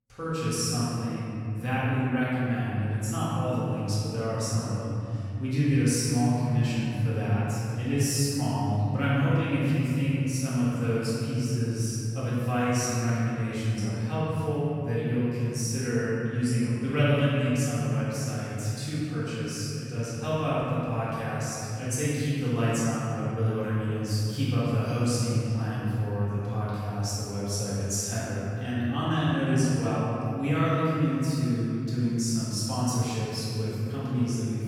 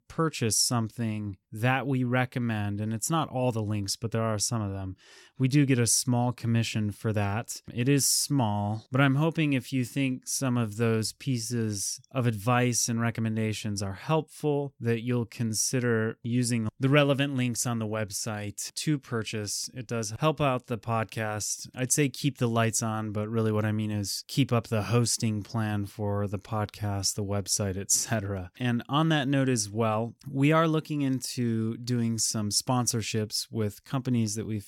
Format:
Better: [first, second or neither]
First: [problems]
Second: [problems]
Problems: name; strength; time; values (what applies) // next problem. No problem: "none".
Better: second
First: room echo; strong; dies away in 3 s // off-mic speech; far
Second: none